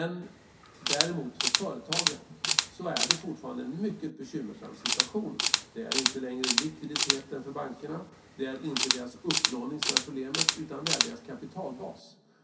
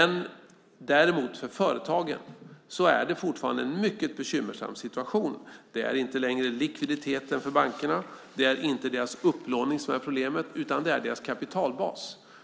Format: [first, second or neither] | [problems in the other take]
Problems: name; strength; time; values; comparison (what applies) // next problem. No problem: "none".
second | background sound (Camera); 5 dB above the speech // room echo; dies away in 0.3 s